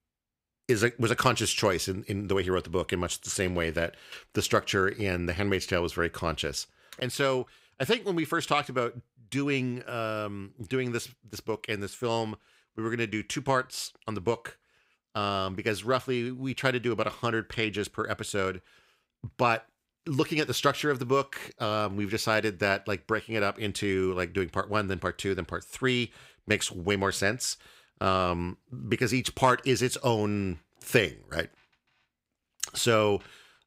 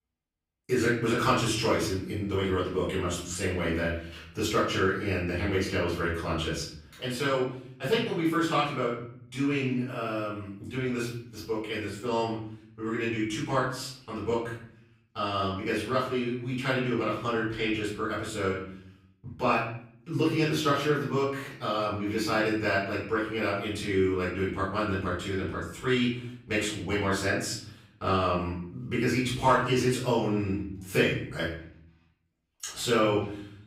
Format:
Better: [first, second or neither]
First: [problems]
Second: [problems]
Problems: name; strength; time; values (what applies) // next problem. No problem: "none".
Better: first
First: none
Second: off-mic speech; far // room echo; noticeable; dies away in 0.7 s